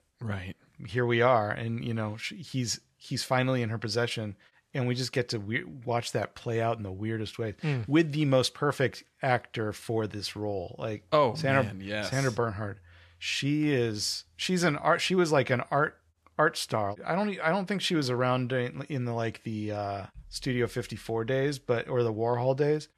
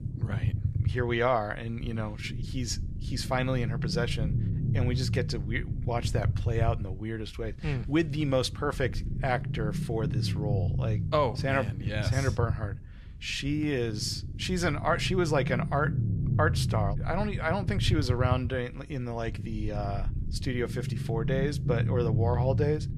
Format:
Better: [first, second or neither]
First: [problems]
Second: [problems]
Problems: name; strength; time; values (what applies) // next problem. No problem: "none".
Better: first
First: none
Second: low rumble; noticeable; throughout; 10 dB below the speech